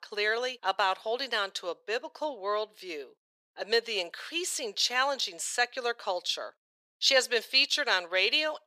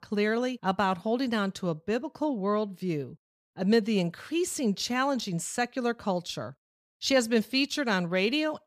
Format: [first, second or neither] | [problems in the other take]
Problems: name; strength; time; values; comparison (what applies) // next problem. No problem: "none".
second | thin; very; fading below 450 Hz